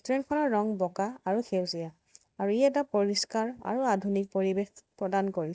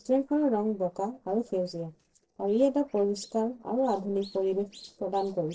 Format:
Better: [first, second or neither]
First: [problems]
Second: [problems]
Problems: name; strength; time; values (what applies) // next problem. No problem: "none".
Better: first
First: none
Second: noise reduction (neural separator model SepFormer DNS4)